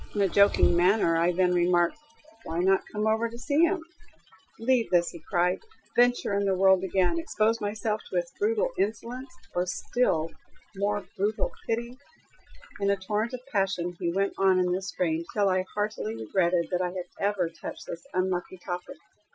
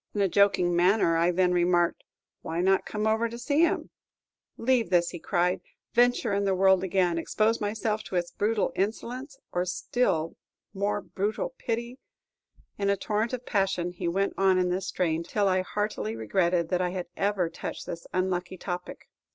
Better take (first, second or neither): second